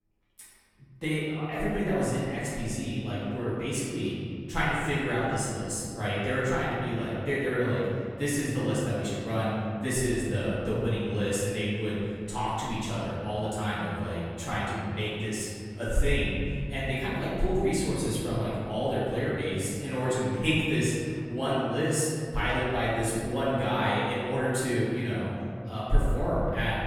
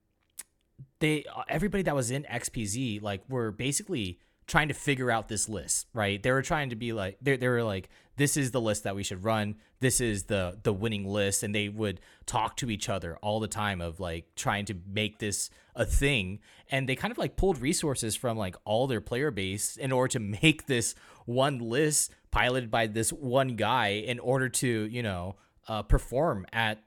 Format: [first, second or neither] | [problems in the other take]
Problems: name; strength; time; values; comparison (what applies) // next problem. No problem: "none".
second | room echo; strong; dies away in 2.6 s // off-mic speech; far